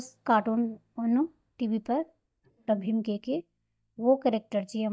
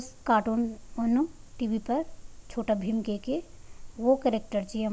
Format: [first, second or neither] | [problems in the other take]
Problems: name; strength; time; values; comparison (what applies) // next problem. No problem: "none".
second | noise reduction (neural mask model DeepFilterNet 3)